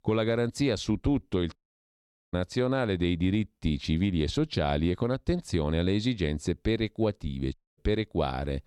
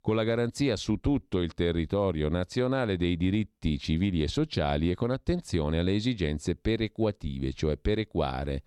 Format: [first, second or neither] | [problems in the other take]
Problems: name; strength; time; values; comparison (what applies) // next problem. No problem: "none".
second | audio cutting out; at 1.5 s for 1 s and at 7.5 s